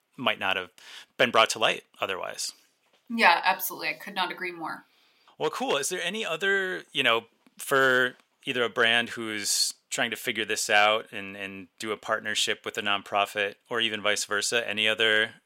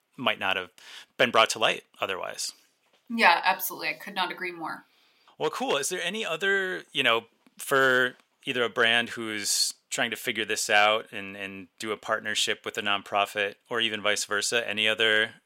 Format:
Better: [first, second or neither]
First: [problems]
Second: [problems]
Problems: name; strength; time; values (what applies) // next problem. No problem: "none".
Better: neither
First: thin; somewhat; fading below 650 Hz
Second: thin; somewhat; fading below 650 Hz